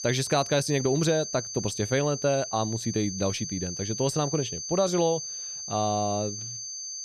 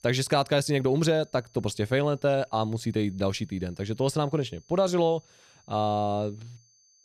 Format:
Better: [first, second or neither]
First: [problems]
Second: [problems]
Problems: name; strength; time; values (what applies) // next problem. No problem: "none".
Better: second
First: high-pitched whine; loud; throughout; 6 kHz, 6 dB below the speech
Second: high-pitched whine; faint; throughout; 6 kHz, 30 dB below the speech